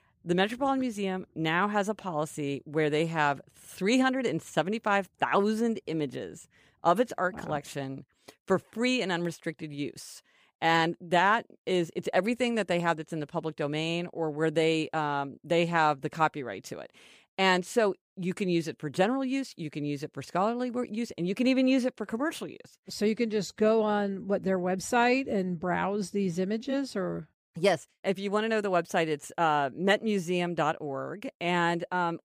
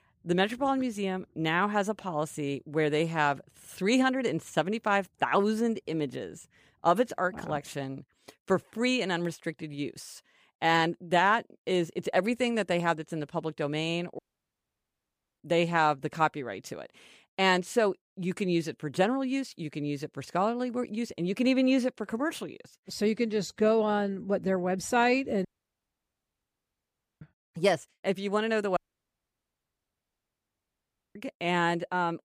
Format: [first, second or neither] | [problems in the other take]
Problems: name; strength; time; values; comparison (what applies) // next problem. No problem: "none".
first | audio cutting out; at 14 s for 1 s, at 25 s for 2 s and at 29 s for 2.5 s